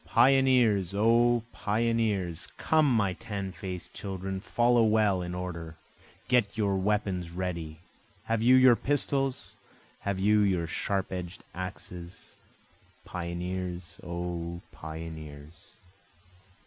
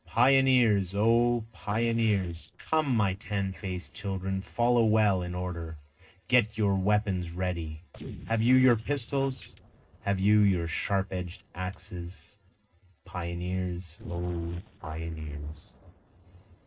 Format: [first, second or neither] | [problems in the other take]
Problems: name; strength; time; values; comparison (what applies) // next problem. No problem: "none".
first | noise reduction (neural separator model SepFormer DNS4)